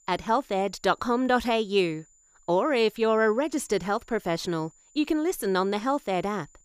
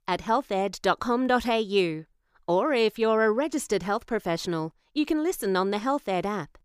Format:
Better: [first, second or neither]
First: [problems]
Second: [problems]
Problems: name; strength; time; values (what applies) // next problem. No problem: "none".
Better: second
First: high-pitched whine; faint; throughout; 7 kHz, 30 dB below the speech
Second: none